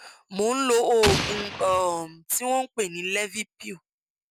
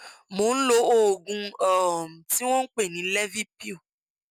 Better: second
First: background sound (Explosion); 2 dB below the speech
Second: none

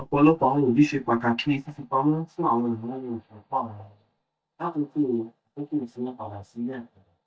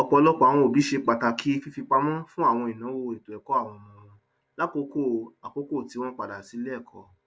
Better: second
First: noise reduction (neural mask model DeepFilterNet 3)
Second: none

